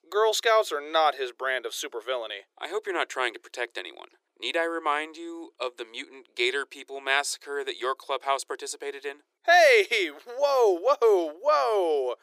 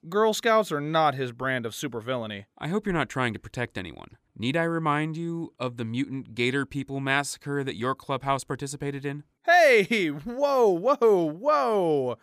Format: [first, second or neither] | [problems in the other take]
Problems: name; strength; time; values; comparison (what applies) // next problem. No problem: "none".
second | thin; very; fading below 350 Hz